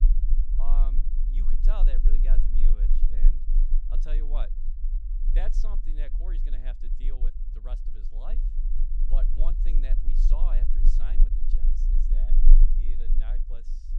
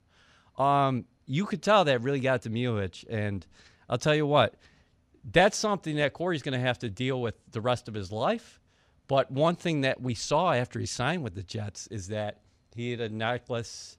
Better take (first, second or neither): second